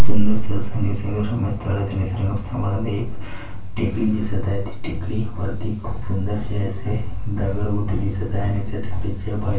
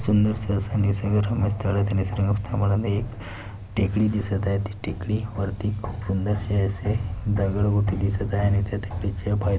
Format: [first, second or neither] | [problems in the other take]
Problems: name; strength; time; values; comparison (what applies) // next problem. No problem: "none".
second | room echo; dies away in 0.3 s